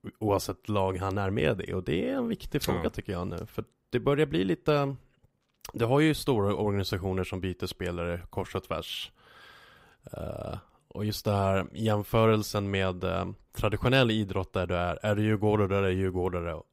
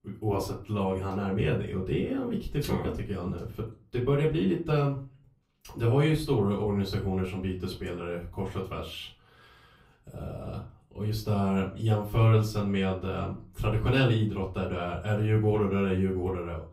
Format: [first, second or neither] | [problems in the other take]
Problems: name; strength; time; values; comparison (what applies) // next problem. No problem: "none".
first | off-mic speech; far // room echo; slight; dies away in 0.3 s